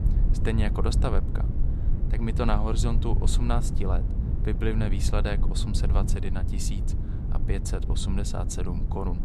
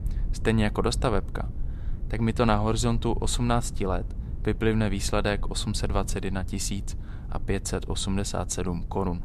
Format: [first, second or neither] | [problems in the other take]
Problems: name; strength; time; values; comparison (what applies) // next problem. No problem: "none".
second | low rumble; loud; throughout; 8 dB below the speech; faint in the second